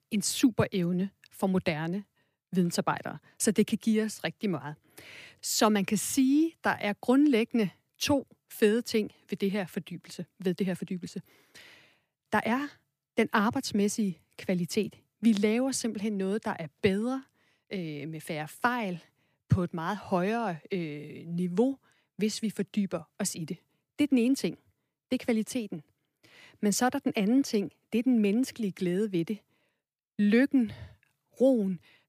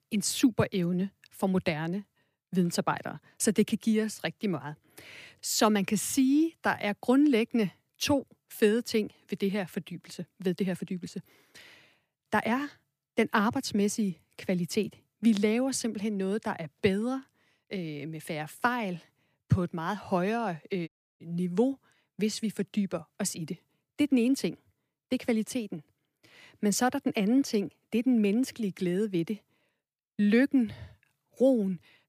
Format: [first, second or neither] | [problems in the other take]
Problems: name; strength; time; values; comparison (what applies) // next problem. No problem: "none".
first | audio cutting out; at 21 s